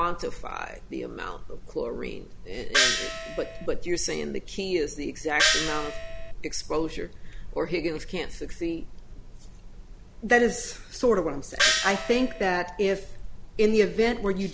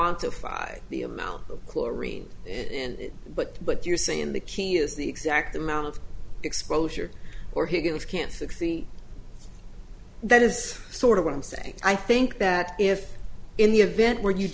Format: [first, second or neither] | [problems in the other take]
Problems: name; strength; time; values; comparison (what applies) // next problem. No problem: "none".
second | background sound (Gong); 2 dB above the speech